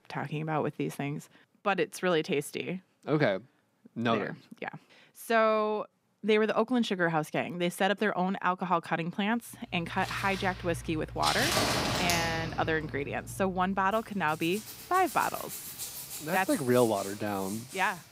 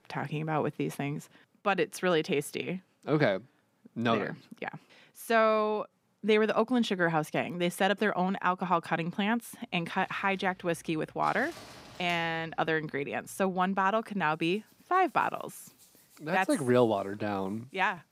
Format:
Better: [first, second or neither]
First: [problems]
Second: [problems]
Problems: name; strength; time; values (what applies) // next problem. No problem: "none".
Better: second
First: household noises; loud; from 9.5 s on; 5 dB below the speech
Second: household noises; faint; from 9.5 s on; 25 dB below the speech